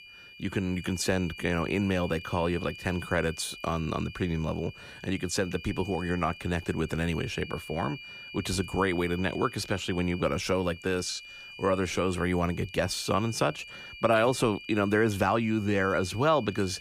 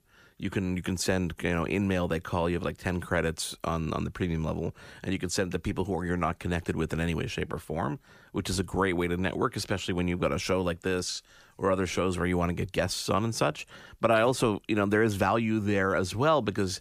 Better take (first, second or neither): second